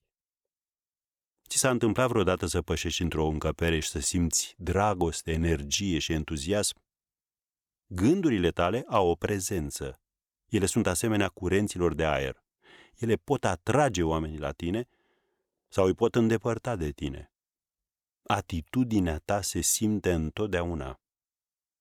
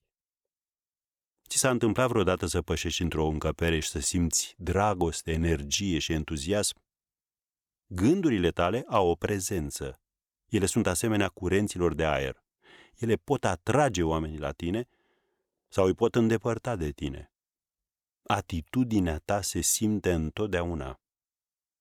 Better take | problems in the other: neither | none

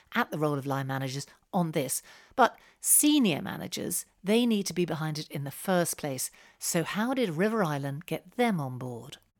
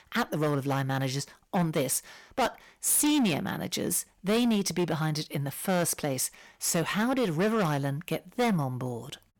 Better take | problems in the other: first | distortion; heavy; 11% of the sound clipped

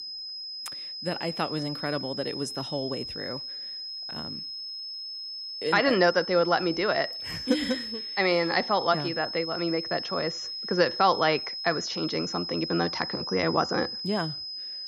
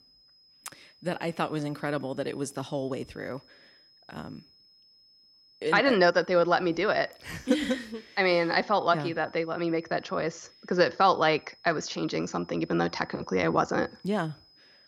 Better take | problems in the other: second | high-pitched whine; loud; throughout; 5 kHz, 6 dB below the speech; faint in the second

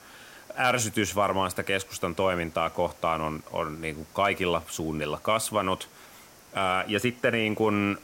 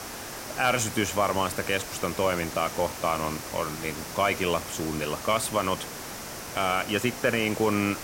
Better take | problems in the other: first | hiss; loud; throughout; 9 dB below the speech; faint in the first

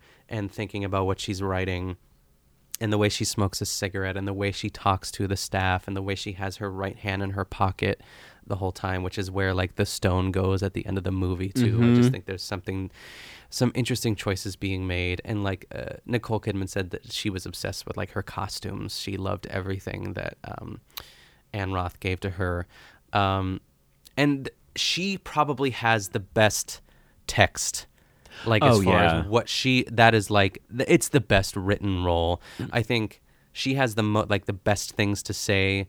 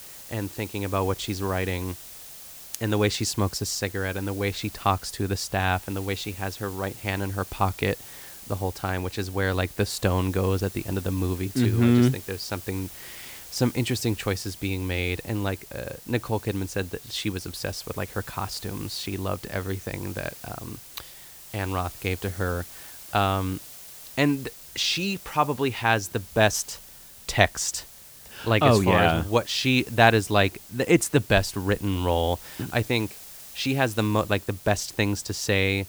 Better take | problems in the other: first | hiss; noticeable; throughout; 15 dB below the speech

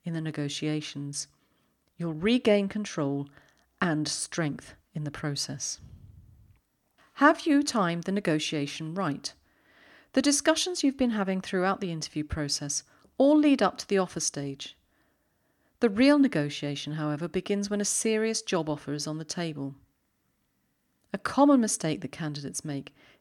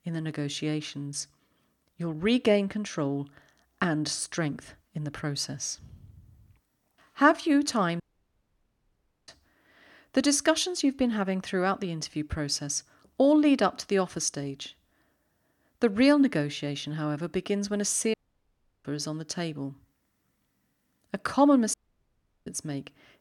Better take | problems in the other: first | audio cutting out; at 8 s for 1.5 s, at 18 s for 0.5 s and at 22 s for 0.5 s

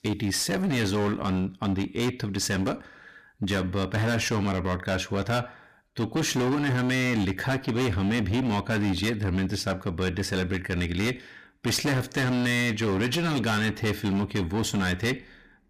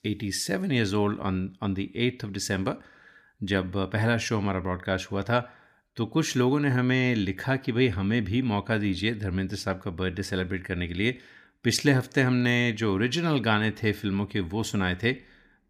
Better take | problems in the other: second | distortion; heavy; 25% of the sound clipped

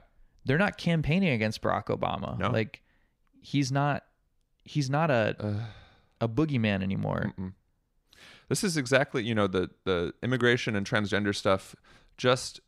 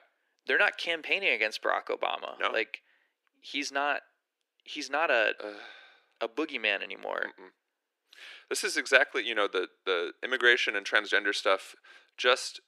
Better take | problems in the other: first | thin; very; fading below 350 Hz

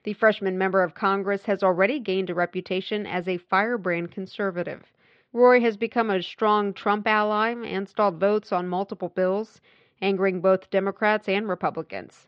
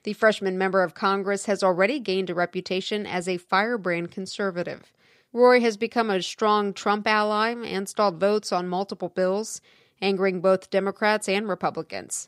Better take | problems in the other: second | muffled; slightly; fading above 3.5 kHz

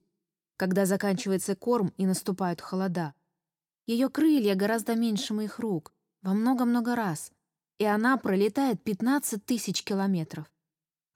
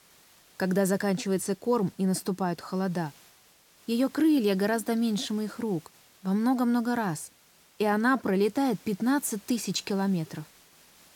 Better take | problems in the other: first | hiss; faint; throughout; 25 dB below the speech

